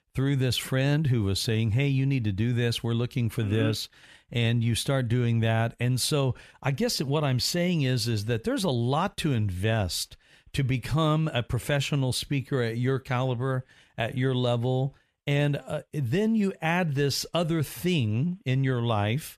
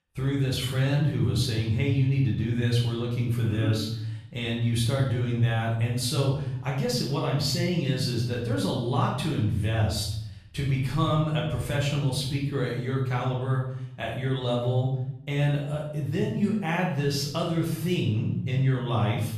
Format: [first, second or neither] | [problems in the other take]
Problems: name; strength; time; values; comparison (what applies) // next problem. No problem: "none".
first | room echo; noticeable; dies away in 0.8 s // off-mic speech; far